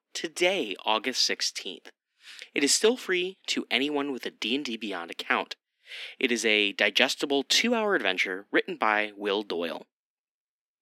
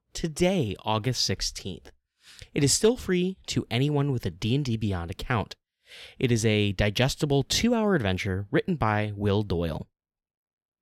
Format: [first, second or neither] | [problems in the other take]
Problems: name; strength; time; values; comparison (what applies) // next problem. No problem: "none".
second | thin; somewhat; fading below 250 Hz